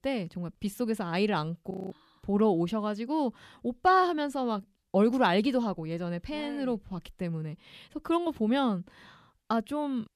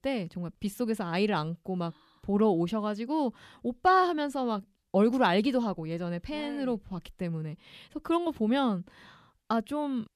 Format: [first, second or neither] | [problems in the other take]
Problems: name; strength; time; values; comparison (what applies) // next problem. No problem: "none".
second | audio freezing; at 1.5 s